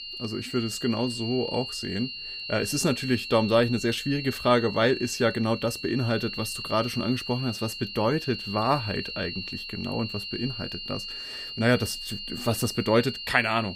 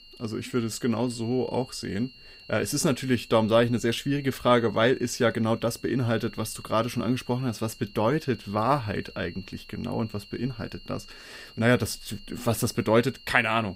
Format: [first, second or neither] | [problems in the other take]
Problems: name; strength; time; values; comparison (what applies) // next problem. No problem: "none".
second | high-pitched whine; loud; throughout; 3 kHz, 7 dB below the speech; faint in the second